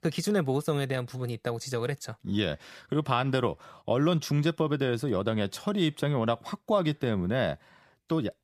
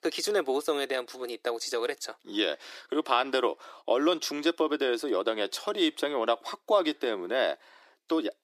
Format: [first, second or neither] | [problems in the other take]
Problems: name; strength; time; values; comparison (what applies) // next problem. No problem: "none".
first | thin; somewhat; fading below 300 Hz